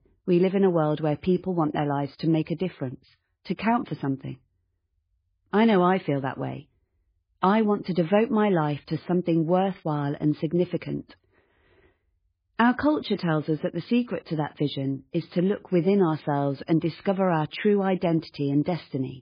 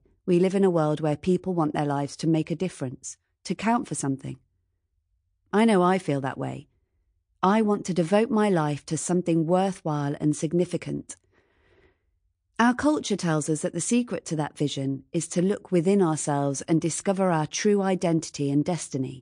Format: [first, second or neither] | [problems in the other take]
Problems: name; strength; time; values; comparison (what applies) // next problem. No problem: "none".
second | garbled, watery; badly; nothing above 5 kHz; slightly in the second